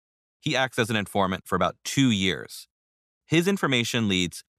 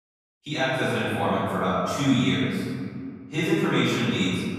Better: first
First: none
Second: off-mic speech; far // room echo; strong; dies away in 2.2 s

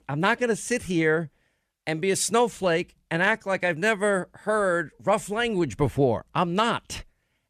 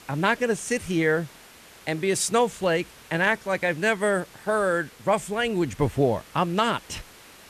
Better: first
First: none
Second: hiss; faint; throughout; 20 dB below the speech

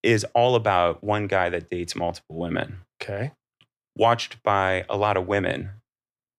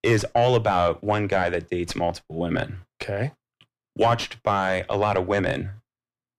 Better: first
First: none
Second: distortion; heavy; 7 dB below the speech

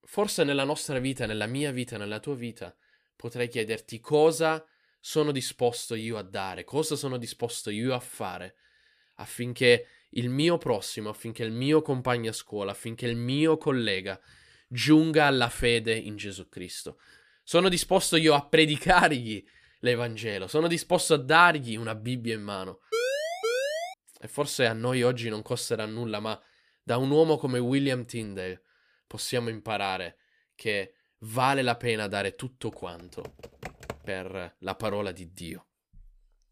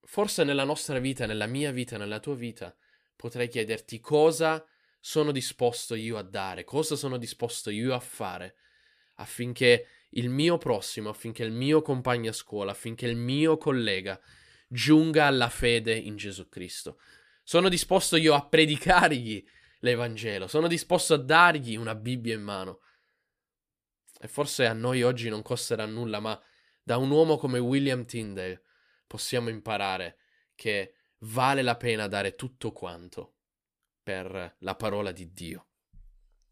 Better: second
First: siren; noticeable; from 23 to 24 s; peak 1 dB below the speech // keyboard typing; faint; from 33 to 34 s; peak 15 dB below the speech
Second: none

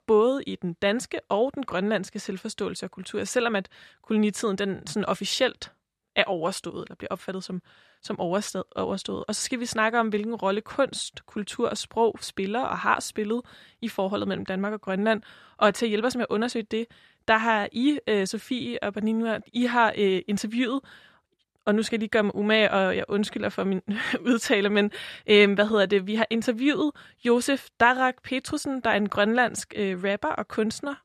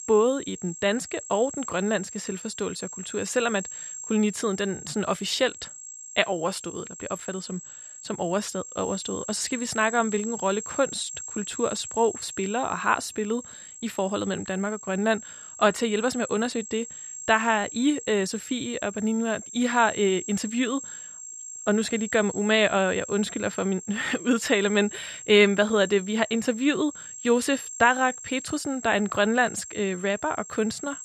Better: first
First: none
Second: high-pitched whine; noticeable; throughout; 7.5 kHz, 10 dB below the speech

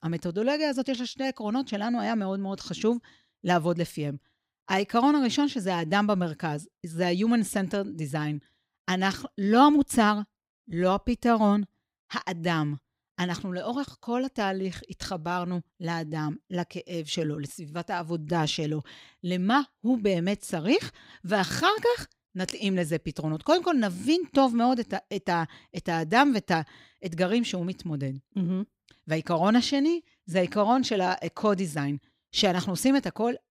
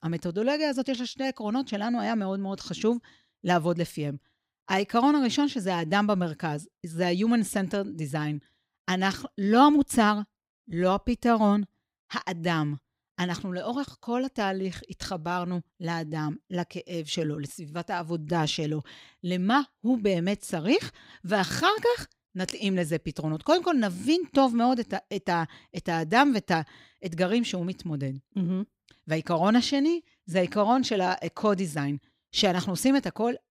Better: neither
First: none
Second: none

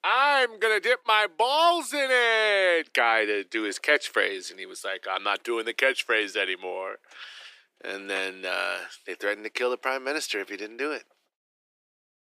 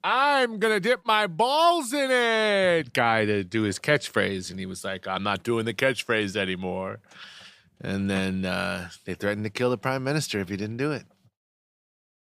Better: second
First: thin; very; fading below 300 Hz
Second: none

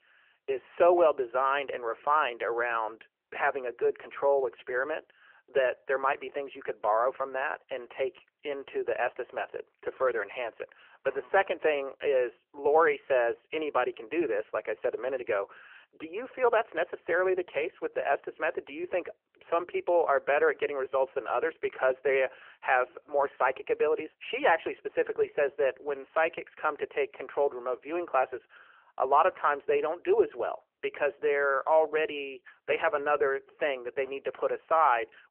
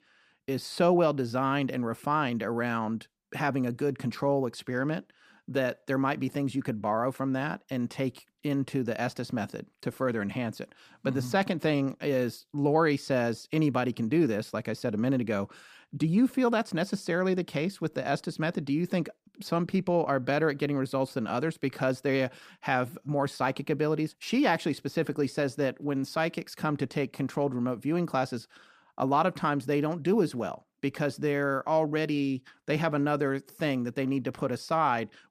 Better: second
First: phone-call audio; nothing above 3 kHz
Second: none

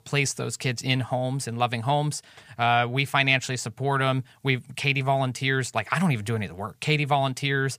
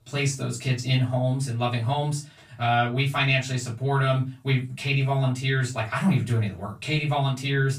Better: first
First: none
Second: off-mic speech; far // room echo; very slight; dies away in 0.2 s

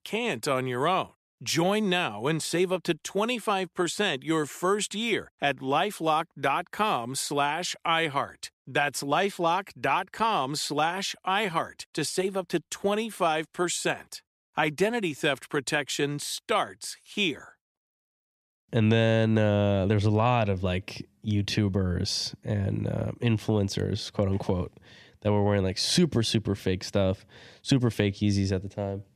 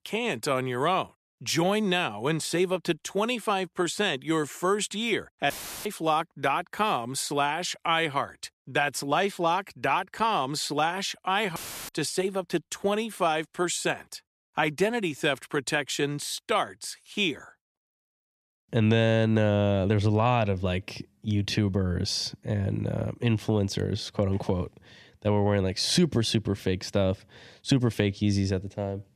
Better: first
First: none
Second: audio cutting out; filled with static; at 5.5 s and at 12 s

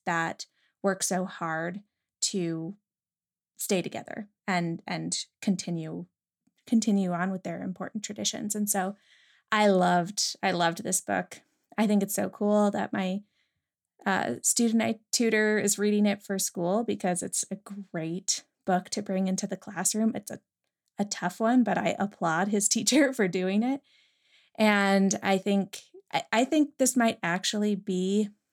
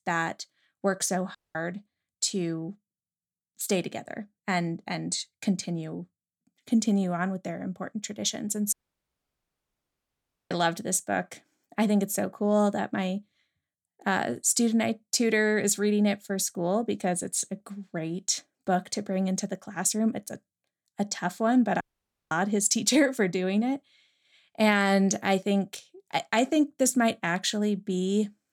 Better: first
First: none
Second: audio cutting out; at 1.5 s, at 8.5 s for 2 s and at 22 s for 0.5 s

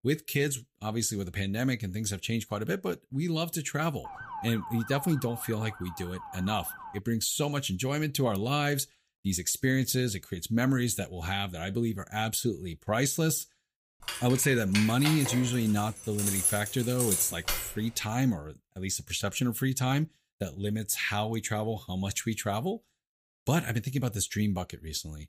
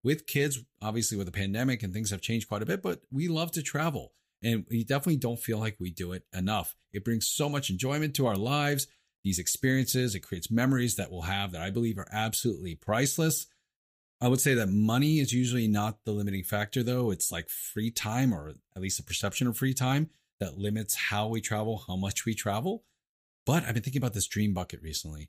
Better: second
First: siren; faint; from 4 to 7 s; peak 10 dB below the speech // jangling keys; loud; from 14 to 18 s; peak 4 dB above the speech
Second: none

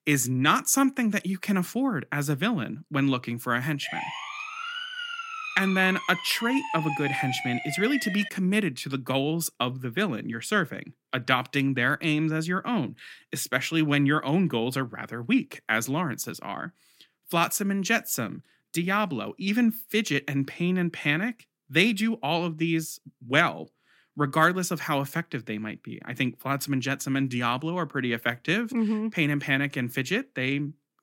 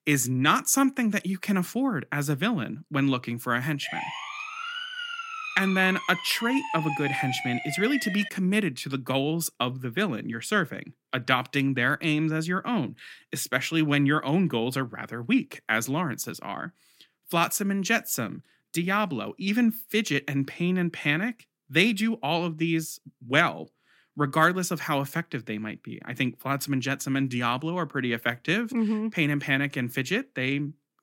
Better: neither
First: siren; noticeable; from 4 to 8.5 s; peak 4 dB below the speech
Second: siren; noticeable; from 4 to 8.5 s; peak 4 dB below the speech

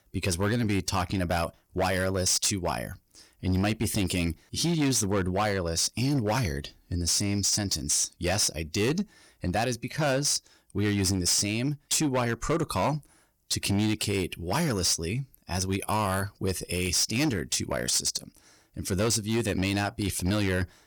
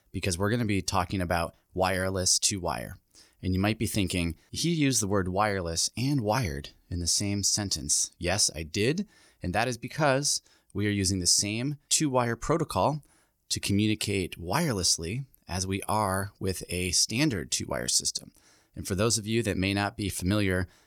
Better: second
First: distortion; slight; 10% of the sound clipped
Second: none

